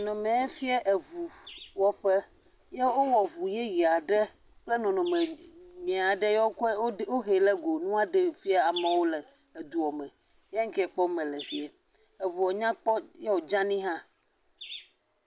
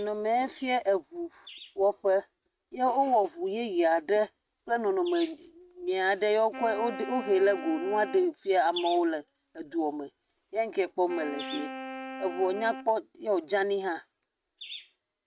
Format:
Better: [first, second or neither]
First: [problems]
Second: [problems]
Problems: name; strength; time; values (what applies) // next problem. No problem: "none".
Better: first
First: none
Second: noise reduction (neural mask model RNNoise)